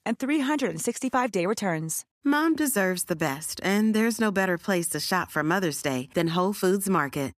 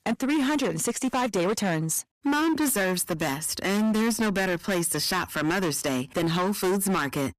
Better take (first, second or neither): first